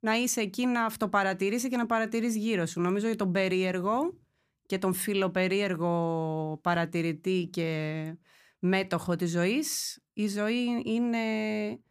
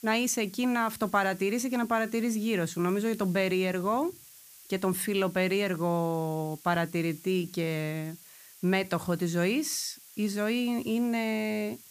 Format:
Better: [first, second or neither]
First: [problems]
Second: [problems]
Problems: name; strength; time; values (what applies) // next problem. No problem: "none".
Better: first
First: none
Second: hiss; noticeable; throughout; 20 dB below the speech